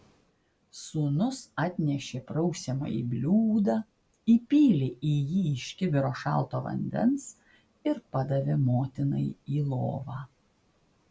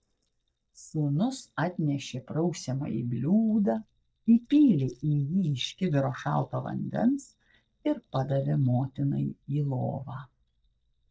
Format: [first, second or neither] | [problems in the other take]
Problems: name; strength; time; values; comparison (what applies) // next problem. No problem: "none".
first | noise reduction (neural mask model DeepFilterNet 3)